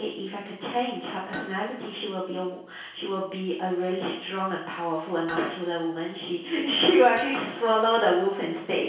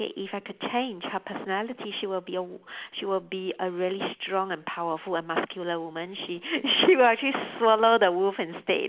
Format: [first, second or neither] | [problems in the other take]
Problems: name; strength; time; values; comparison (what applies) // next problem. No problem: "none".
second | background sound (Hammer); 20 dB below the speech // room echo; dies away in 0.6 s